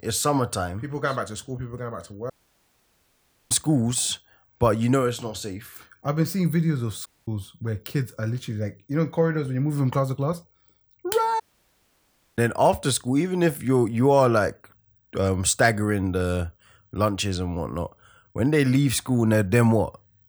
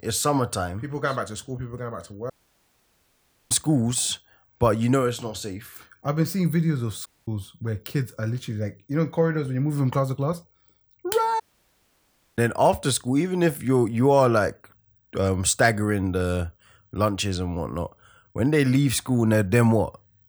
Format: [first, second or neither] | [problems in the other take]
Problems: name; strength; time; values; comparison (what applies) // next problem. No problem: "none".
neither | audio cutting out; at 2.5 s for 1 s, at 7 s and at 11 s for 1 s; the same in both